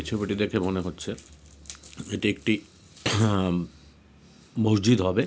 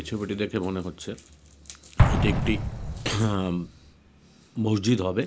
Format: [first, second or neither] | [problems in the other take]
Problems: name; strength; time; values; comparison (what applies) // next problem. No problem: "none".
first | background sound (Explosion); 1 dB below the speech